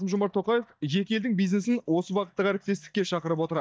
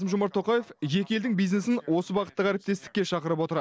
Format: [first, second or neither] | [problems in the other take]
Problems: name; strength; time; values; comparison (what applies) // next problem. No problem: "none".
second | noise reduction (neural mask model DeepFilterNet 3)